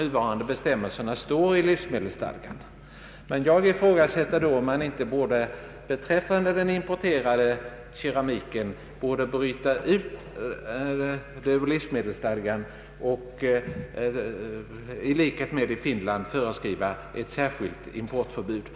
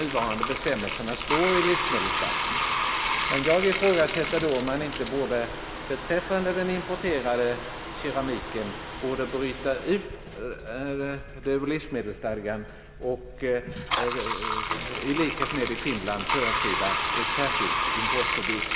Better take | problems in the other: first | background sound (Bathtub (filling or washing)); 2 dB below the speech

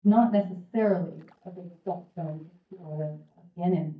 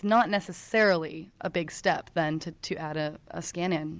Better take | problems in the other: second | noise reduction (neural mask model DeepFilterNet 3)

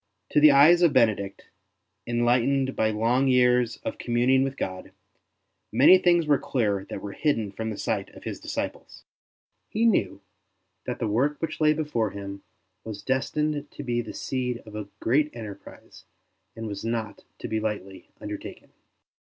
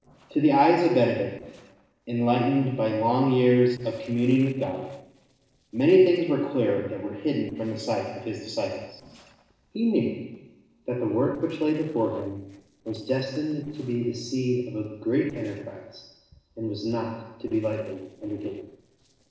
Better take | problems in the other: first | noise reduction (neural separator model SepFormer DNS4)

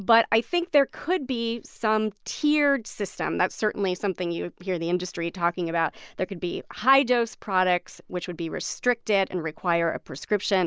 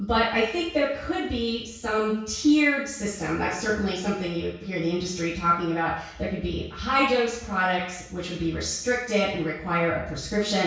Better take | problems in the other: first | room echo; dies away in 0.6 s

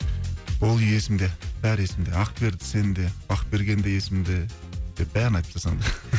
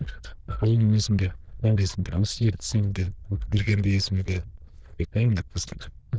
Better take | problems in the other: first | noise reduction (neural diffusion model UNIVERSE++)

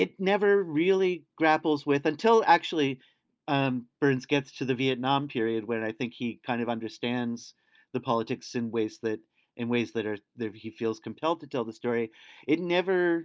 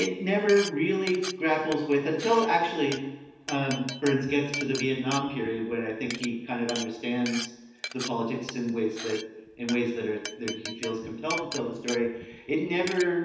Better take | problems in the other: first | background sound (Glass); 12 dB below the speech // room echo; dies away in 0.9 s

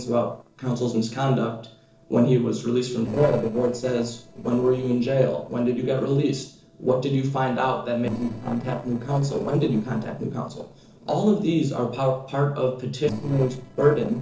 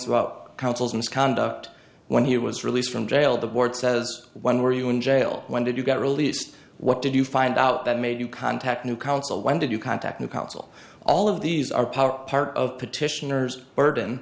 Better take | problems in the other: second | noise reduction (neural separator model SepFormer DNS4)

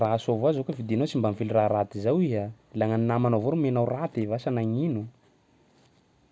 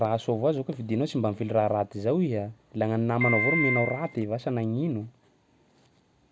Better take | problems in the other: first | background sound (Piano); as loud as the speech

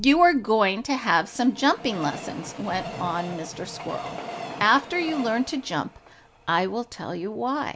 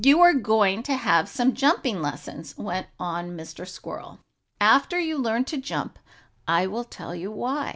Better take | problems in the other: second | background sound (Train); 14 dB below the speech

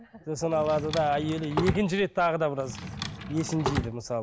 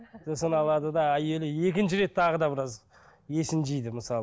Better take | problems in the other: second | background sound (Drawer open or close); 7 dB below the speech

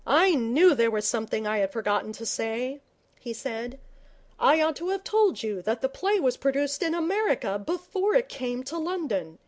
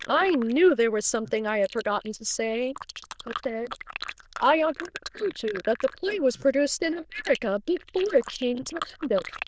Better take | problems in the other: first | noise reduction (neural diffusion model UNIVERSE++)

